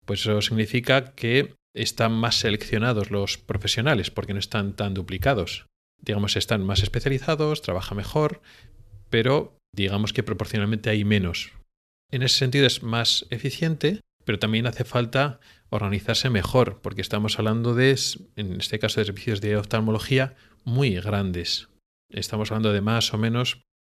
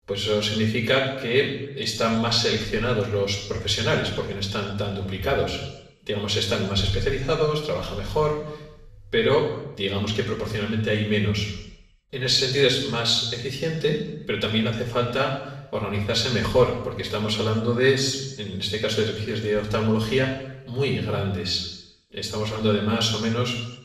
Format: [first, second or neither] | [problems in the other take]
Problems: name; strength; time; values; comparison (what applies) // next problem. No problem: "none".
first | room echo; noticeable; dies away in 0.8 s // off-mic speech; far